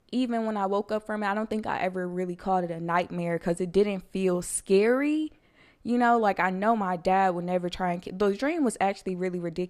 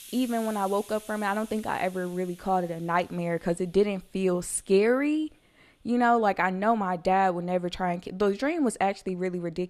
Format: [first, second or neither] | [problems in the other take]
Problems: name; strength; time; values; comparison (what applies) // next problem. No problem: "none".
first | hiss; faint; throughout; 20 dB below the speech